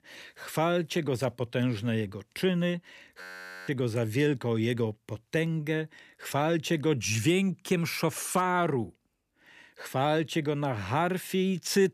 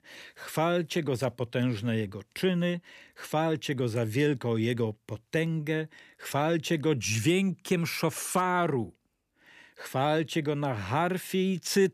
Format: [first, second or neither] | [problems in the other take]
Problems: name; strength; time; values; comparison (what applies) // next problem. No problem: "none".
second | audio freezing; at 3 s